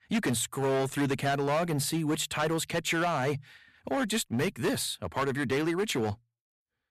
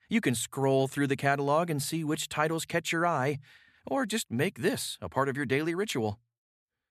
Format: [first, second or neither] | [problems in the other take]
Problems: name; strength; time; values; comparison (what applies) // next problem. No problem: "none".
second | distortion; heavy; 11% of the sound clipped